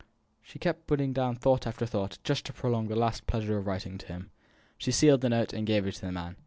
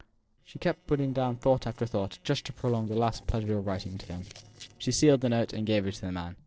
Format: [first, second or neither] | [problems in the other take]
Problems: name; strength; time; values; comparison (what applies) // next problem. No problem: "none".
first | noise reduction (neural separator model SepFormer DNS4)